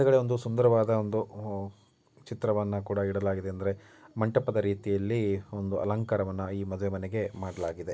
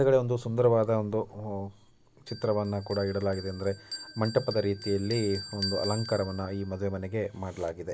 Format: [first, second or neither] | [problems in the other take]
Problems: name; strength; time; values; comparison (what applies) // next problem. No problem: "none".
first | background sound (Bell); 15 dB below the speech